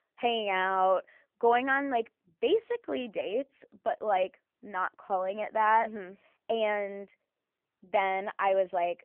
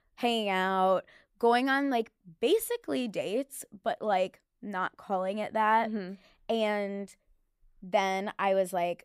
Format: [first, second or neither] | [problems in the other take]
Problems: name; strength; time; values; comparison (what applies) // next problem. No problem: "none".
second | phone-call audio; nothing above 3 kHz